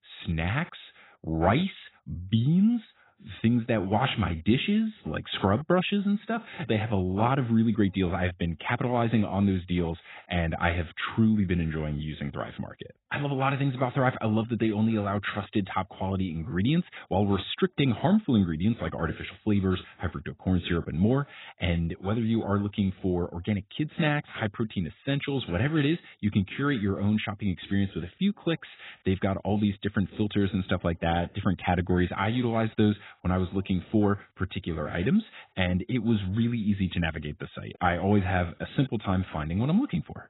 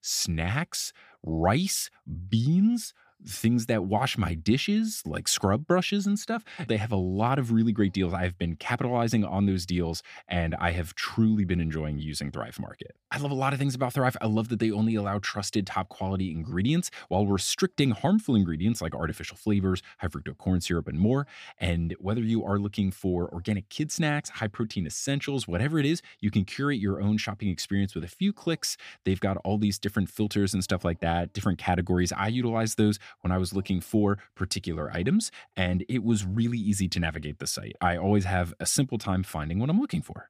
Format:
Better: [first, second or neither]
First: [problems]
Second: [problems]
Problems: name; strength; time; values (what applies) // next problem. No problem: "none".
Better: second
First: garbled, watery; badly; nothing above 4 kHz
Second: none